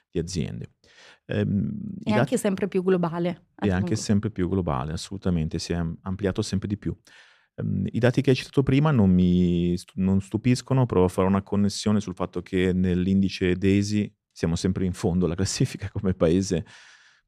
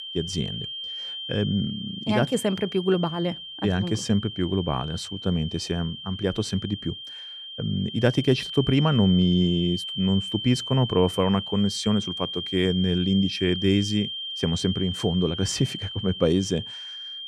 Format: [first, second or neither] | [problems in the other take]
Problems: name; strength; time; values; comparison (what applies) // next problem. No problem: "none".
first | high-pitched whine; loud; throughout; 3 kHz, 7 dB below the speech